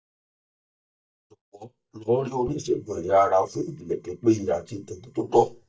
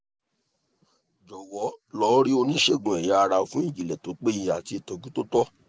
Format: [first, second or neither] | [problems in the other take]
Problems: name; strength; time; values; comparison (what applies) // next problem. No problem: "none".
second | noise reduction (neural mask model DeepFilterNet 3)